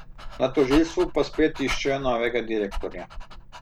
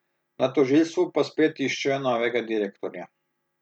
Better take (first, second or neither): second